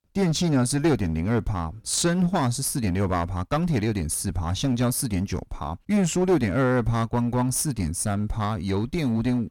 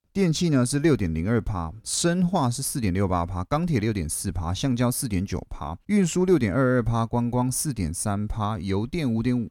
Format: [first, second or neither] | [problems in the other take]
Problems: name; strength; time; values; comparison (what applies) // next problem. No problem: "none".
second | distortion; slight; 8% of the sound clipped